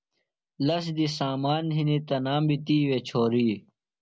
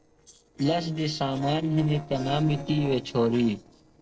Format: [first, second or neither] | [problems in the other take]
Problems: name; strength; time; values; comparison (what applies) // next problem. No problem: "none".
first | noise reduction (neural separator model SepFormer DNS4)